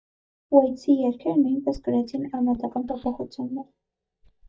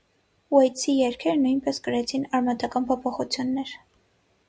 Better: second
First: noise reduction (neural mask model DeepFilterNet 3)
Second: none

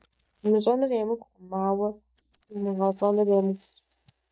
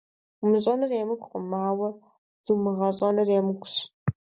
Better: second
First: noise reduction (neural mask model DeepFilterNet 3)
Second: none

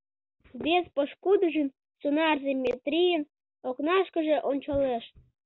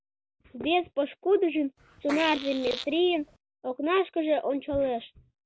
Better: first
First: none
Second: background sound (Fart); 11 dB below the speech

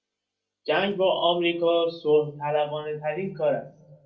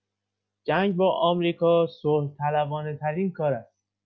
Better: second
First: room echo; dies away in 0.2 s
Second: none

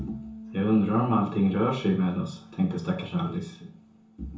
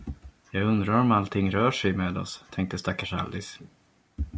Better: second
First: background sound (Bass guitar); 19 dB below the speech // room echo; dies away in 0.7 s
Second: none

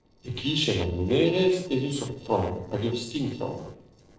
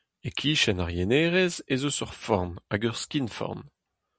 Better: second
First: noise reduction (neural separator model SepFormer DNS4)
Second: none

